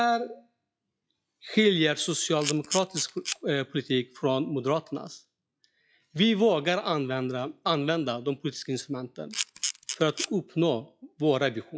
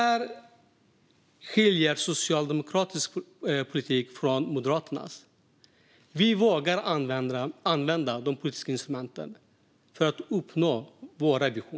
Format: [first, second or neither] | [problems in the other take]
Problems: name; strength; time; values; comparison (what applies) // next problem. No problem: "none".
second | noise reduction (classical method log-MMSE)